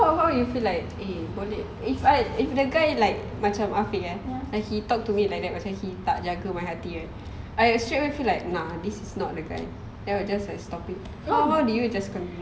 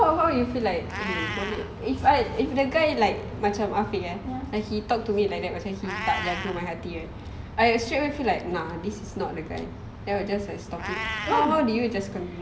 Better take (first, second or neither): first